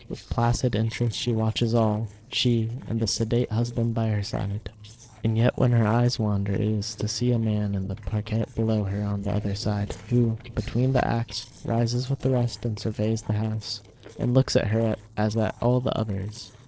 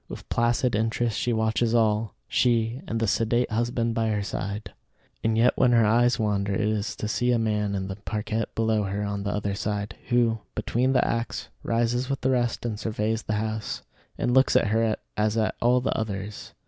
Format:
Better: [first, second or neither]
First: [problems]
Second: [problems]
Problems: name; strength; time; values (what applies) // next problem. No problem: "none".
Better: second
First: noise reduction (neural separator model SepFormer DNS4)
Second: none